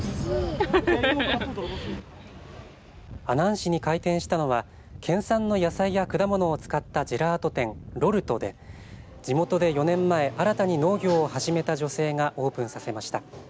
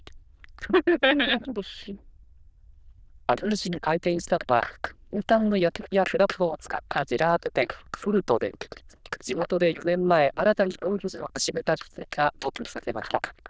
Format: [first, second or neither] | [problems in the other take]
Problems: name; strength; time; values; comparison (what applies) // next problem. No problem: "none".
first | noise reduction (neural diffusion model UNIVERSE++)